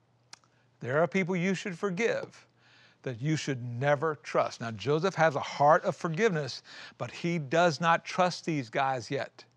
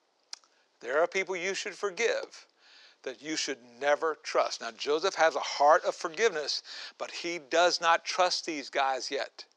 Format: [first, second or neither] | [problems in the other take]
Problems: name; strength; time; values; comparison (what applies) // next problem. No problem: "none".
first | thin; very; fading below 350 Hz